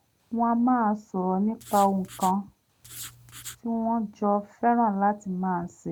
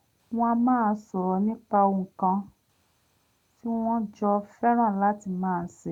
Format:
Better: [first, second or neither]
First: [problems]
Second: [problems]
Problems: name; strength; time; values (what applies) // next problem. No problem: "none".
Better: second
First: background sound (Writing); 17 dB below the speech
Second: none